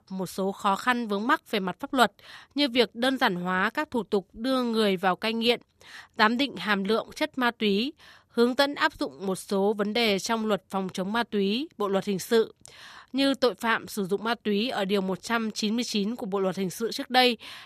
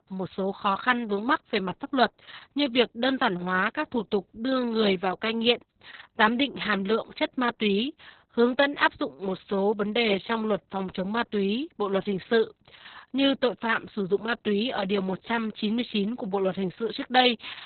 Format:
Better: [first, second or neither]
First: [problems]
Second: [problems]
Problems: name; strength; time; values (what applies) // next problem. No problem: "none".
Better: first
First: none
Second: garbled, watery; badly; nothing above 4 kHz